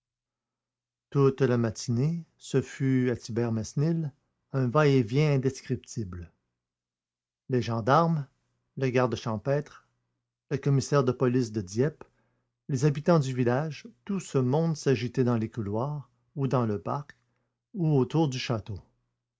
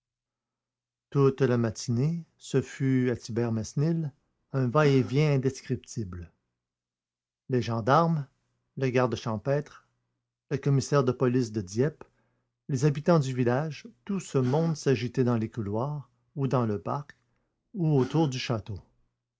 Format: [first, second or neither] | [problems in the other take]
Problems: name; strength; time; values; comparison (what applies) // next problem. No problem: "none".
first | background sound (Gasp); 19 dB below the speech